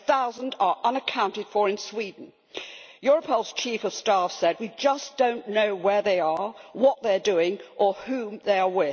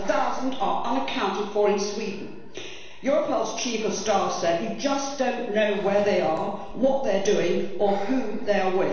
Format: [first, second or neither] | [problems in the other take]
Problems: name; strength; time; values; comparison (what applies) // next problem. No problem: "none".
first | background sound (Breathing); 8 dB below the speech // room echo; dies away in 1.1 s